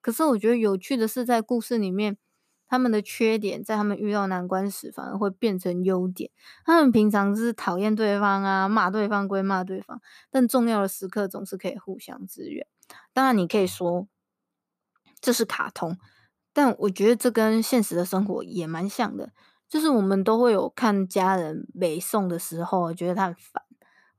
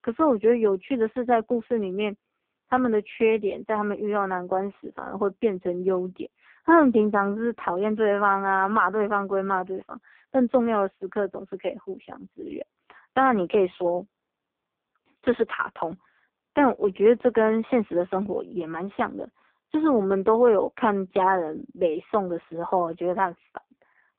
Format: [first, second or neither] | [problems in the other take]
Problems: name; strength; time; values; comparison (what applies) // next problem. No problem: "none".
first | phone-call audio; poor line